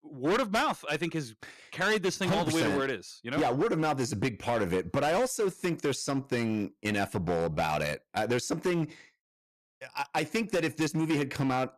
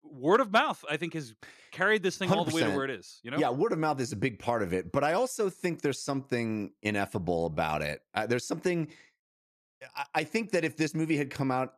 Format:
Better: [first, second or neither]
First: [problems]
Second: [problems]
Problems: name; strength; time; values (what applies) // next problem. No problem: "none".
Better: second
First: distortion; heavy; 12% of the sound clipped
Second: none